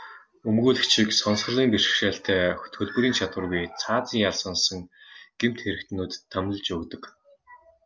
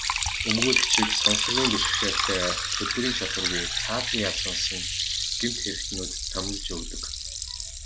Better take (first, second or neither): first